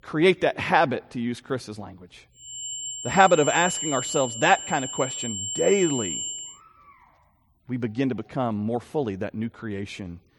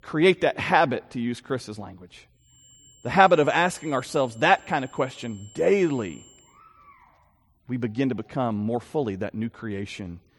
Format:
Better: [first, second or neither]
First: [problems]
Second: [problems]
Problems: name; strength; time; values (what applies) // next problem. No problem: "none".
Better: second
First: high-pitched whine; loud; from 2.5 to 6.5 s; 7.5 kHz, 5 dB below the speech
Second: high-pitched whine; faint; from 2.5 to 6.5 s; 7.5 kHz, 25 dB below the speech